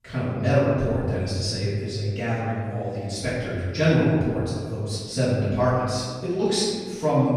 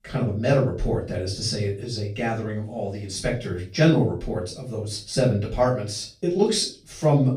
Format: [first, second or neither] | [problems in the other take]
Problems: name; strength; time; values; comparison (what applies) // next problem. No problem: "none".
second | room echo; strong; dies away in 1.6 s; slight in the second // off-mic speech; far; far in the second